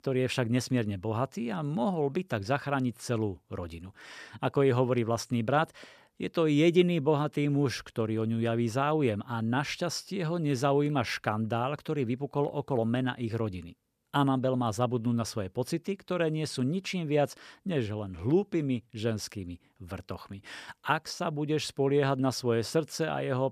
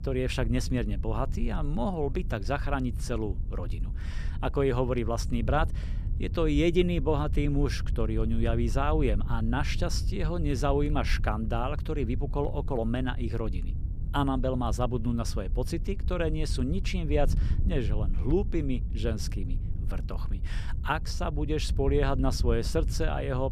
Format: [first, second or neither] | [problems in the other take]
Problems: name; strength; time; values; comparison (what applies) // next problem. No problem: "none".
first | wind noise on the microphone; occasional gusts; 15 dB below the speech